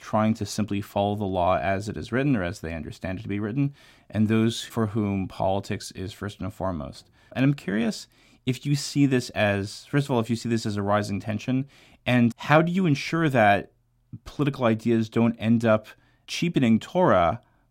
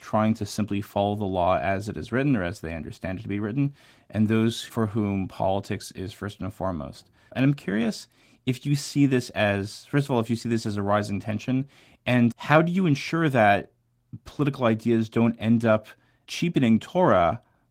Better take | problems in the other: first | garbled, watery; slightly; nothing above 16 kHz

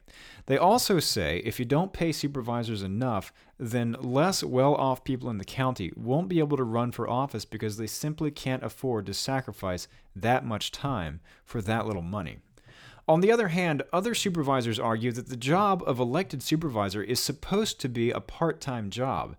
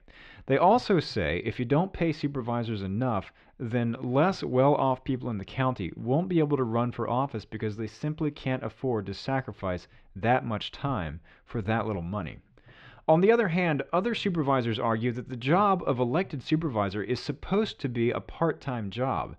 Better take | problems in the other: first | muffled; slightly; fading above 3 kHz

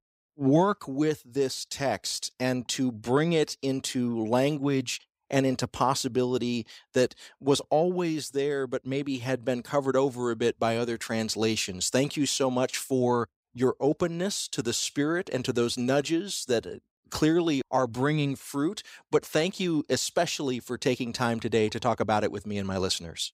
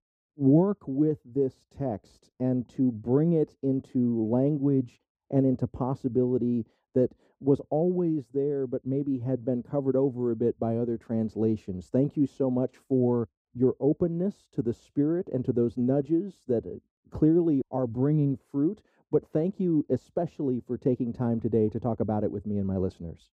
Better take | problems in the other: first | muffled; very; fading above 1 kHz

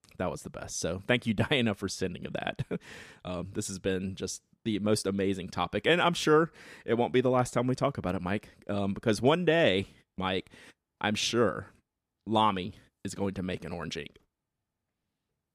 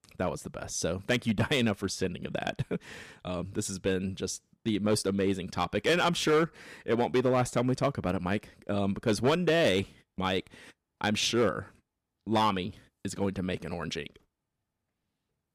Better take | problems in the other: first | distortion; slight; 3% of the sound clipped

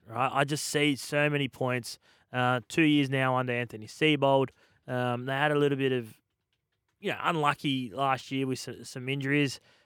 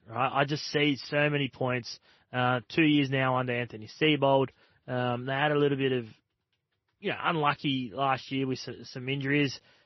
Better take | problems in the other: first | garbled, watery; slightly; nothing above 6 kHz

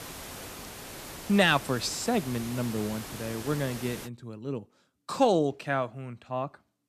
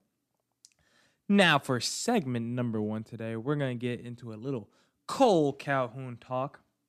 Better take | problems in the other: second | hiss; noticeable; until 4 s; 10 dB below the speech

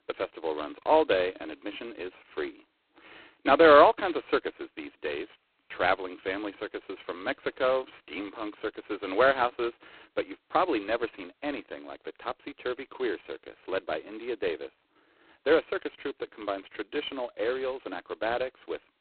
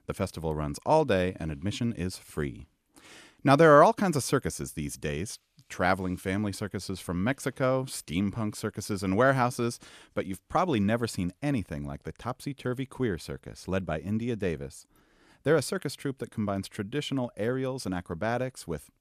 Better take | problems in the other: second | phone-call audio; poor line; nothing above 4 kHz

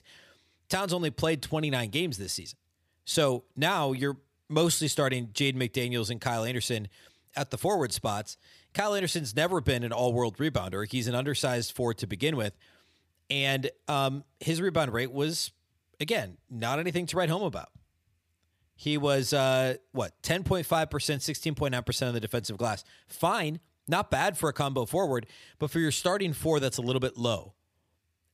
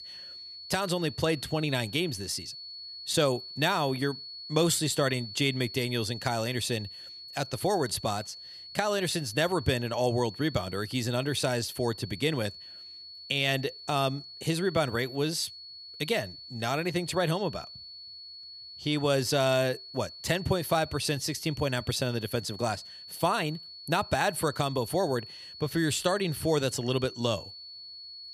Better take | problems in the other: first | high-pitched whine; noticeable; throughout; 4.5 kHz, 15 dB below the speech

